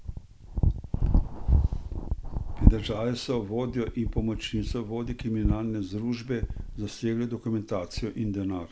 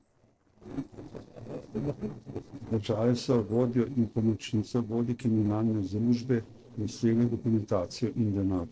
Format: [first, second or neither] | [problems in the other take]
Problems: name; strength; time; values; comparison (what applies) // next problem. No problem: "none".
first | noise reduction (neural separator model SepFormer DNS4)